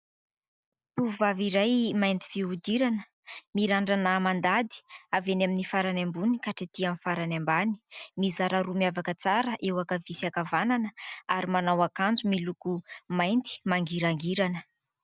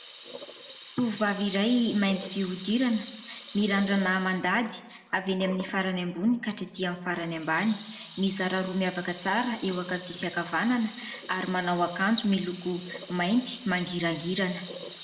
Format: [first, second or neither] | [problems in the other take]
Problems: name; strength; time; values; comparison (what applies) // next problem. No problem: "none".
first | background sound (Sink (filling or washing) / Water tap, faucet); 17 dB below the speech // room echo; dies away in 0.7 s